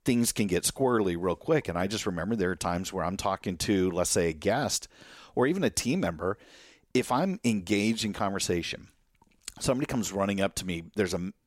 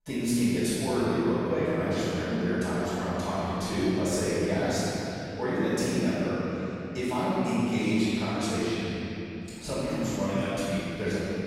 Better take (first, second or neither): first